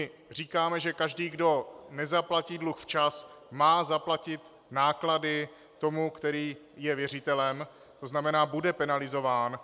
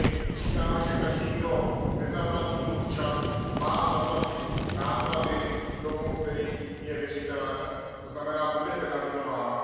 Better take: first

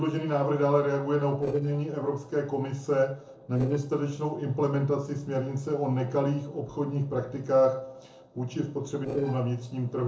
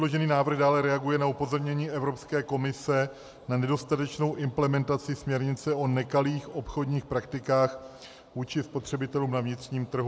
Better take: second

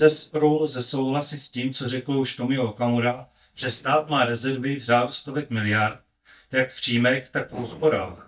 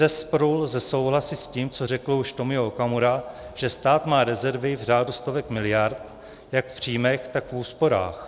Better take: second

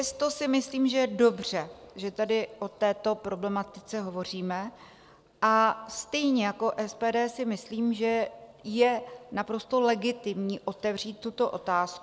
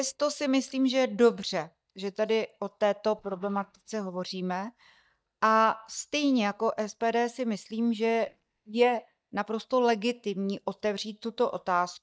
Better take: first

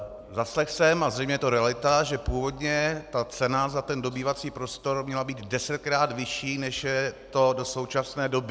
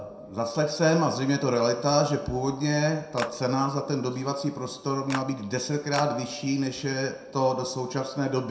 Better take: first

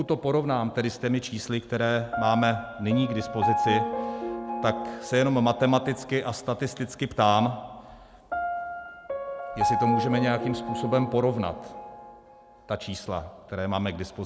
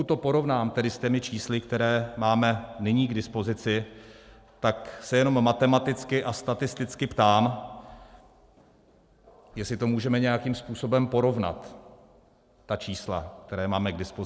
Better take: second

